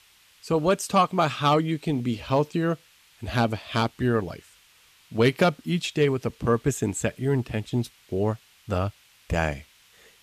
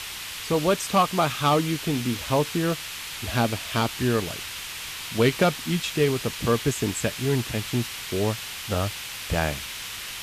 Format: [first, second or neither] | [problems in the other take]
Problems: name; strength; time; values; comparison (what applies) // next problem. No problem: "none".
first | hiss; loud; throughout; 7 dB below the speech; faint in the first